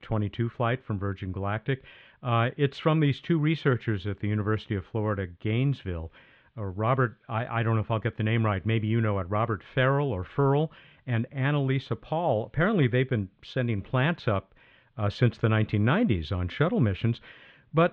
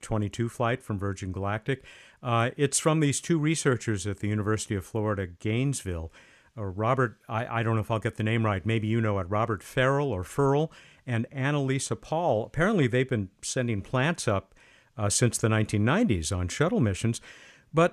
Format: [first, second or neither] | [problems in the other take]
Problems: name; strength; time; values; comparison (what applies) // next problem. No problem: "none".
second | muffled; very; fading above 3.5 kHz